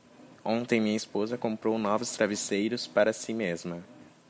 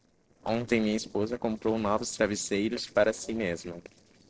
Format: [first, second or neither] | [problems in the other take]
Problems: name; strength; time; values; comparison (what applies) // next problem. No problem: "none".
first | noise reduction (neural separator model SepFormer DNS4)